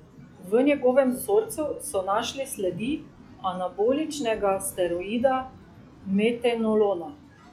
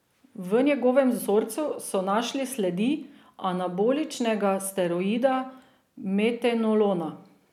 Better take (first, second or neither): second